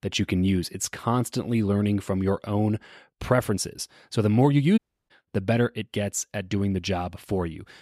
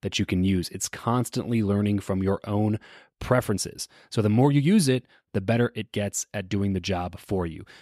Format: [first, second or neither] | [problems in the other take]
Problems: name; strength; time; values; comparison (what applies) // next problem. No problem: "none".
second | audio cutting out; at 5 s